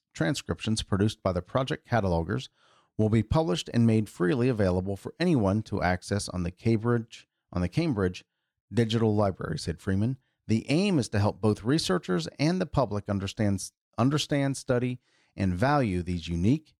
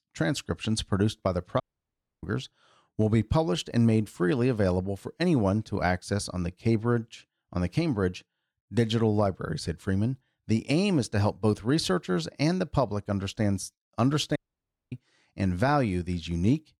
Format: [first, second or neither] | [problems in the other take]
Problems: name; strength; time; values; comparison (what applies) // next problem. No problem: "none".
first | audio cutting out; at 1.5 s for 0.5 s and at 14 s for 0.5 s